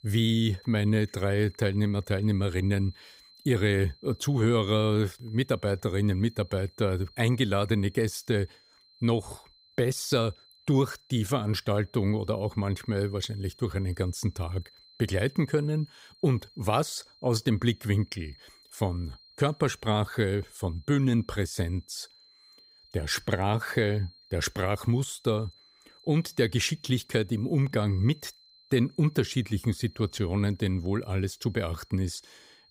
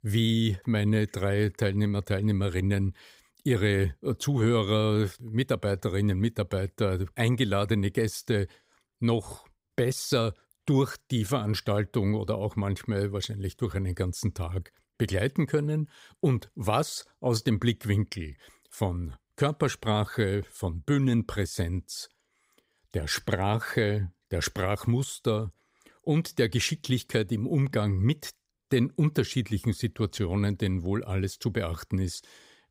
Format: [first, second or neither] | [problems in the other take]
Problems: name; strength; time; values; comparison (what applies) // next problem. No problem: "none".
second | high-pitched whine; faint; throughout; 4 kHz, 25 dB below the speech